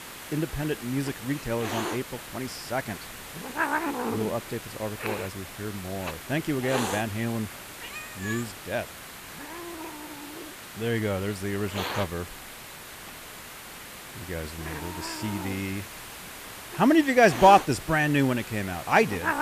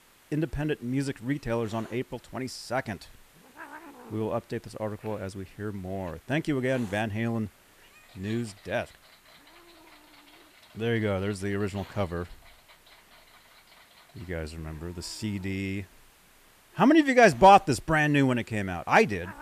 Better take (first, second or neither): second